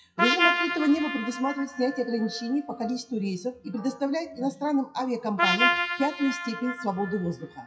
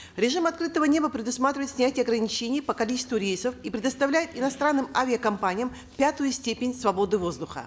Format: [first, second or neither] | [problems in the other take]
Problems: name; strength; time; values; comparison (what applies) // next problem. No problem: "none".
second | noise reduction (classical method WPE with log-MMSE)